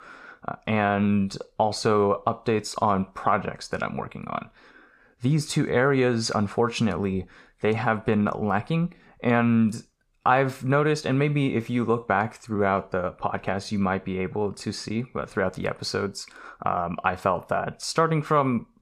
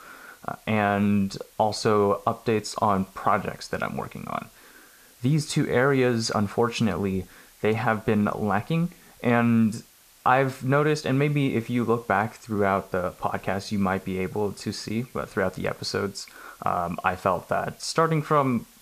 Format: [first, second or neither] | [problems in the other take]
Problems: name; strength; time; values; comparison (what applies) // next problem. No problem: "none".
first | hiss; faint; throughout; 25 dB below the speech